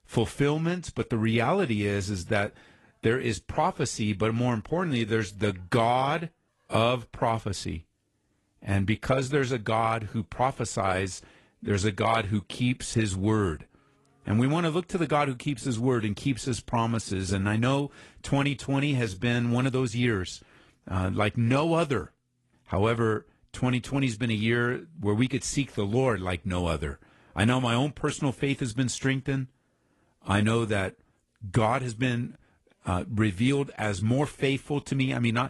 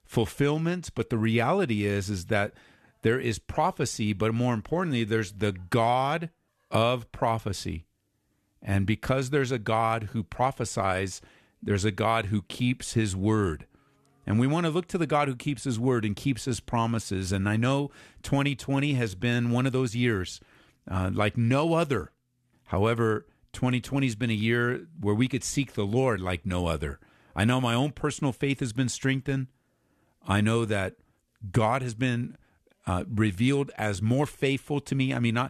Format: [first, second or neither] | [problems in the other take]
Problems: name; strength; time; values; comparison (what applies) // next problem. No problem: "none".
second | garbled, watery; slightly